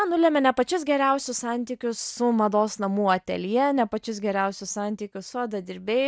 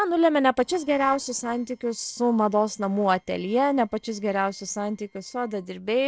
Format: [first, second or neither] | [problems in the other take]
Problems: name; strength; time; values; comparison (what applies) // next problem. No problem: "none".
first | noise reduction (neural separator model SepFormer DNS4)